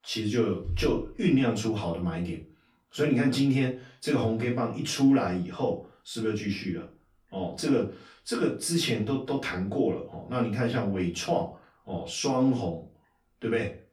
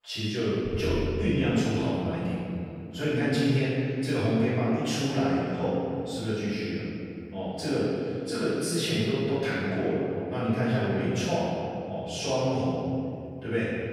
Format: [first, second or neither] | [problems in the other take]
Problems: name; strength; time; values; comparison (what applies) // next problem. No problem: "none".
first | room echo; strong; dies away in 2.4 s; slight in the first // off-mic speech; far; far in the first